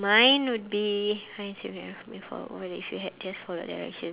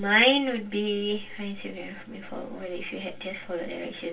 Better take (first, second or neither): first